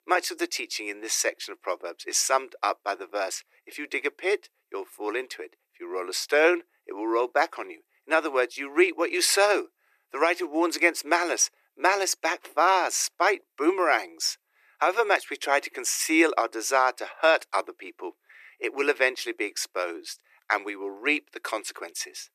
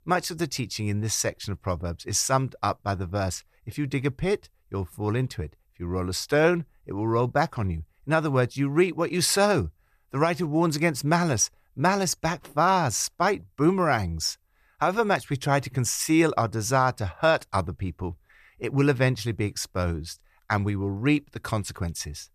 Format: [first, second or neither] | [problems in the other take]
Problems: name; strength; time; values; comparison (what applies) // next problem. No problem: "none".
second | thin; very; fading below 350 Hz